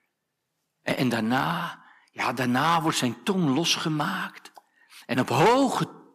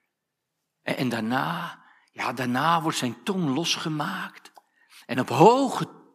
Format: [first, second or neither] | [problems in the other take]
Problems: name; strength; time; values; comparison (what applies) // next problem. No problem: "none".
second | distortion; heavy; 2% of the sound clipped